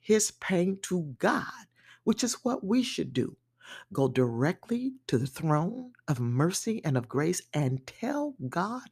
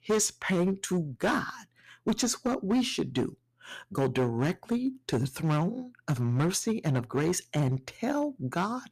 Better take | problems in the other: first | distortion; slight; 7% of the sound clipped

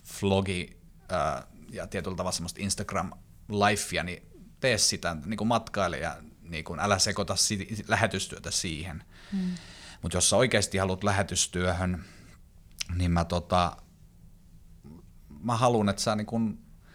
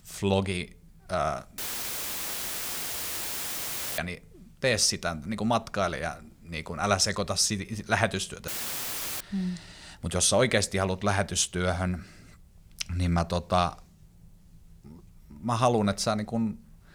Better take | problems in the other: first | audio cutting out; filled with static; at 1.5 s for 2.5 s and at 8.5 s for 0.5 s

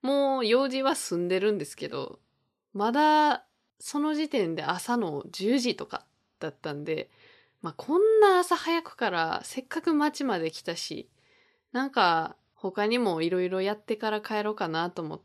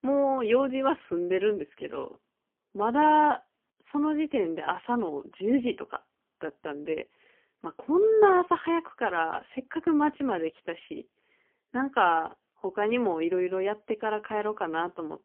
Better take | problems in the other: first | phone-call audio; poor line; nothing above 3 kHz

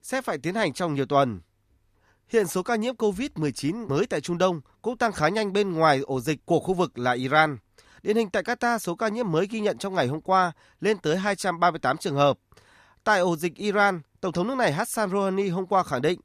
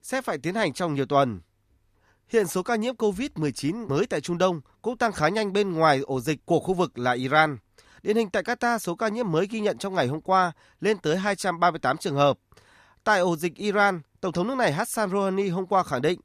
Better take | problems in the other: neither | none

